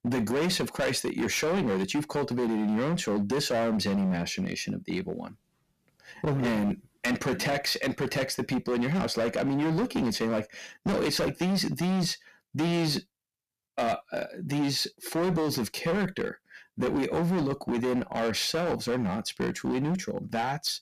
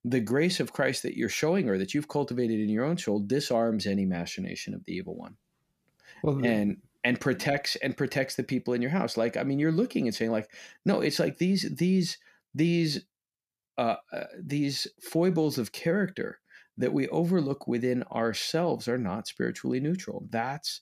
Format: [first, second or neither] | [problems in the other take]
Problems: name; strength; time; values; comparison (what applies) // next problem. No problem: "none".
second | distortion; heavy; 18% of the sound clipped